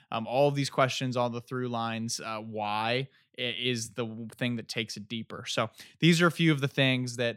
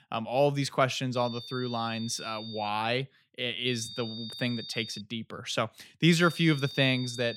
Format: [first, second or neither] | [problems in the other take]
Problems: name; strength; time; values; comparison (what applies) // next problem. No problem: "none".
first | high-pitched whine; noticeable; from 1 to 2.5 s, from 3.5 to 5 s and from 6 s on; 3.5 kHz, 10 dB below the speech